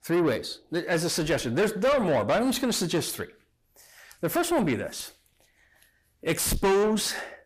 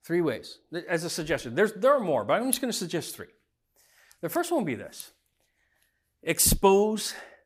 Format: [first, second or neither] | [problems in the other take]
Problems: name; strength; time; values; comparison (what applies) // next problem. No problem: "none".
second | distortion; heavy; 6 dB below the speech